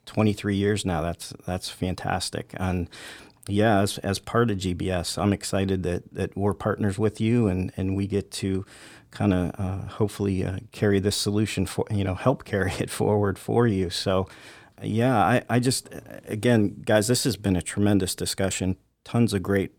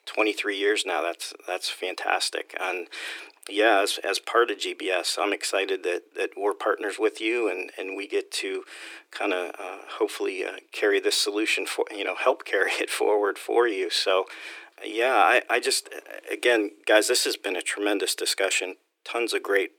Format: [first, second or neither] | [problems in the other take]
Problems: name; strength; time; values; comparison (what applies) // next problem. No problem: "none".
first | thin; very; fading below 300 Hz